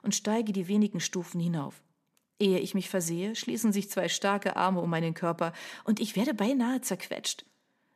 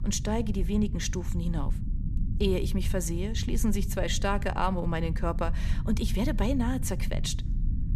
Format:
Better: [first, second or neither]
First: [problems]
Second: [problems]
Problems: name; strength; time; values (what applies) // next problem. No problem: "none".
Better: first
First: none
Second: low rumble; noticeable; throughout; 15 dB below the speech